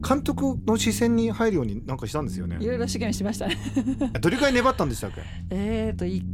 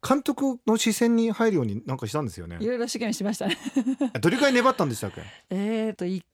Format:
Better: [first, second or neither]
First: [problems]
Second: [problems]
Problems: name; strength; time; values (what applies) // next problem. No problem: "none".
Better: second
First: low rumble; noticeable; throughout; 20 dB below the speech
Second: none